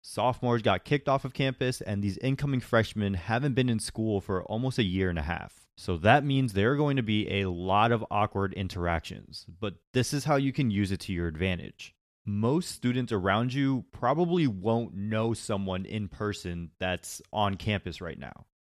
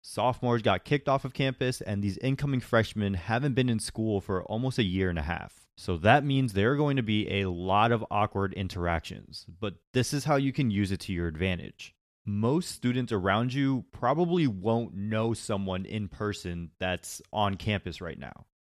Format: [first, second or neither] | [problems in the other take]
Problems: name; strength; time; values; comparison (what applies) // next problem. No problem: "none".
neither | none